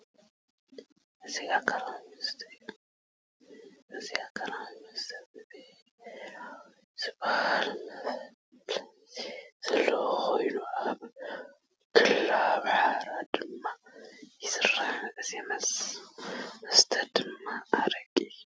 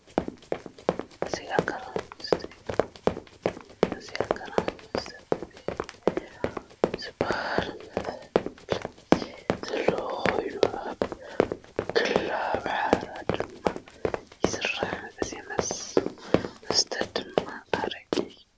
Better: first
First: none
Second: background sound (Run); 5 dB above the speech

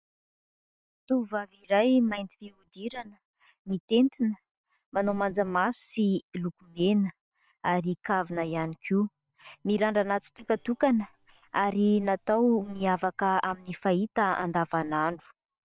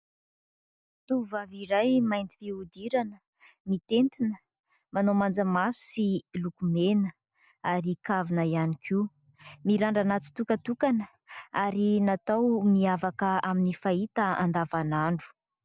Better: second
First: noise reduction (neural separator model SepFormer WHAM!)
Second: none

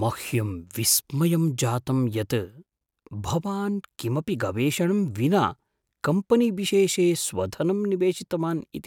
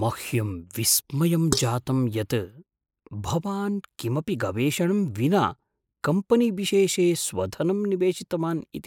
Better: first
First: none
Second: noise reduction (neural mask model Resemble Enhance denoiser)

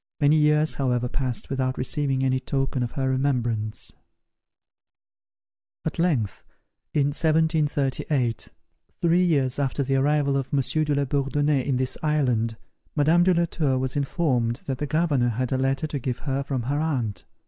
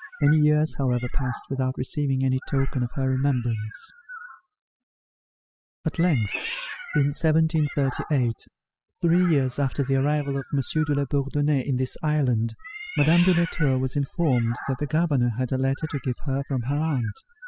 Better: first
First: none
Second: noise reduction (classical method spectral subtraction)

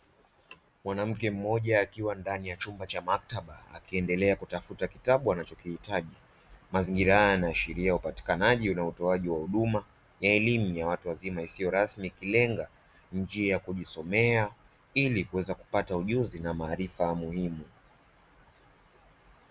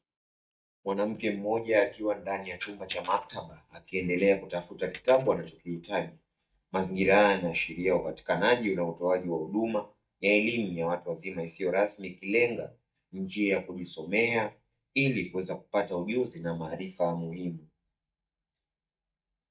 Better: first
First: none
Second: noise reduction (neural mask model DeepFilterNet 3)

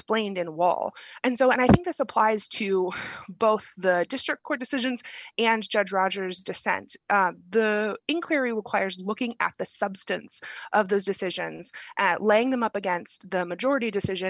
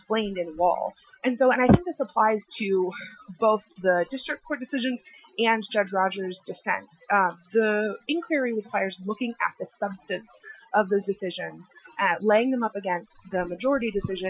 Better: first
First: none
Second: noise reduction (classical method Wiener filter)

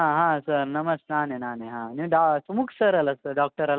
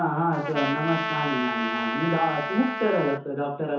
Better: first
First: none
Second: background sound (Trumpet); 4 dB below the speech // room echo; dies away in 0.6 s

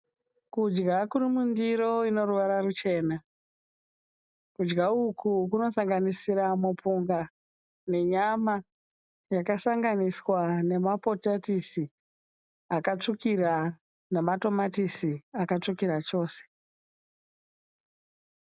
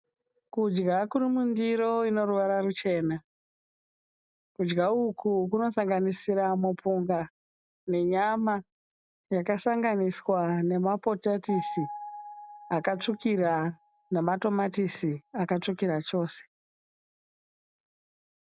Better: first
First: none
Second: background sound (Piano); 14 dB below the speech

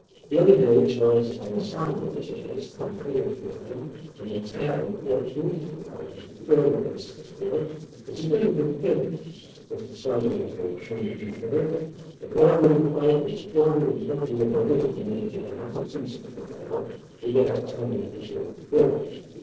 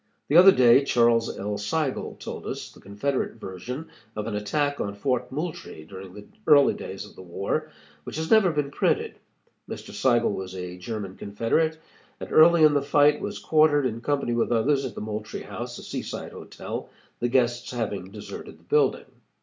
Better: second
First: noise reduction (neural separator model SepFormer DNS4)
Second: none

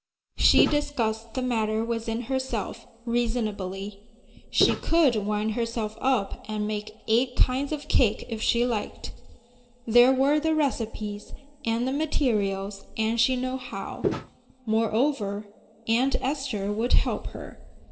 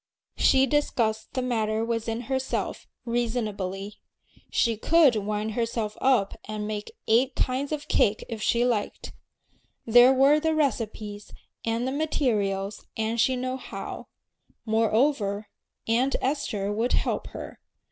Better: second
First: background sound (Walk, footsteps); 3 dB below the speech // room echo; dies away in 2.1 s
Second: none

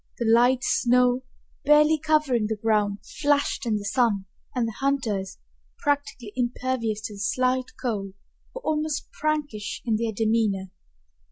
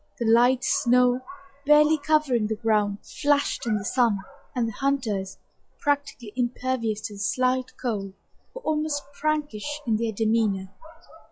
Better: first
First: none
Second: noise reduction (classical method log-MMSE)

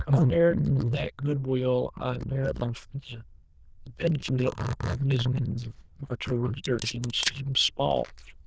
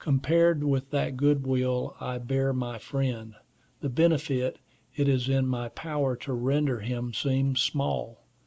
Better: second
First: noise reduction (neural diffusion model UNIVERSE++)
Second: none

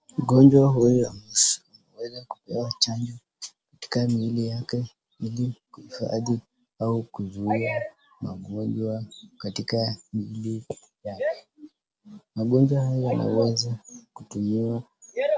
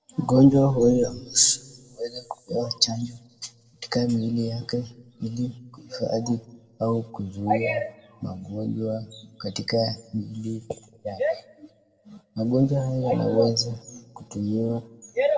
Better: first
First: none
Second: room echo; dies away in 0.6 s

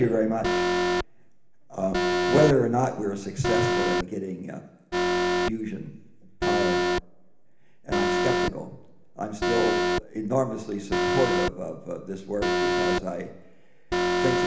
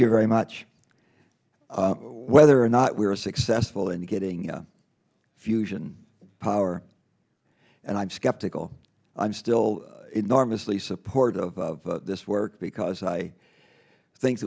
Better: second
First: background sound (Alarm); 2 dB above the speech // room echo; dies away in 1 s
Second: none

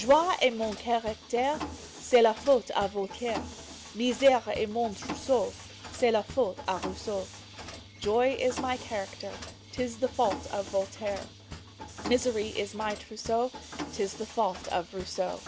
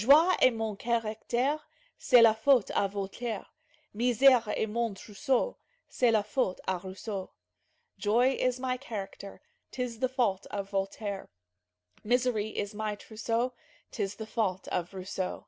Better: second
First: background sound (Mechanisms); 13 dB below the speech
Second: none

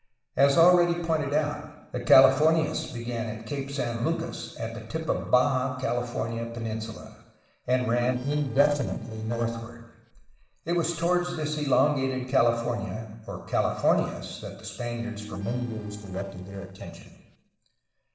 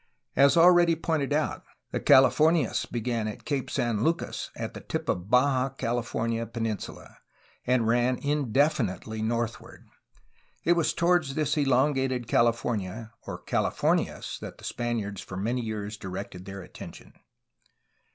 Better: second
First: noise reduction (neural separator model SepFormer DNS4)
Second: none

